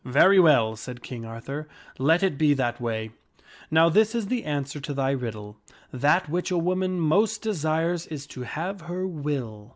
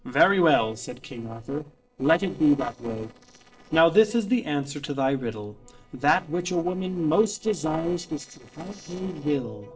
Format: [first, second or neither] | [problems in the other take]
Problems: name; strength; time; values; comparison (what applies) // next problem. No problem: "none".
first | noise reduction (neural separator model SepFormer DNS4)